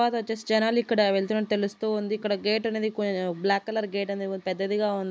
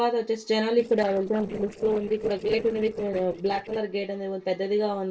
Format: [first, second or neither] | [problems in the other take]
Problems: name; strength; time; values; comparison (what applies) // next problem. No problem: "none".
first | noise reduction (neural separator model SepFormer DNS4)